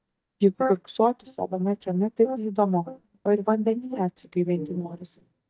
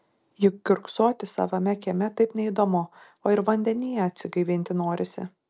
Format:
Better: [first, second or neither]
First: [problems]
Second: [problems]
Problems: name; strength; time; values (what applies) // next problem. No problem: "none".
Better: second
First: noise reduction (neural mask model DeepFilterNet 3)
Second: none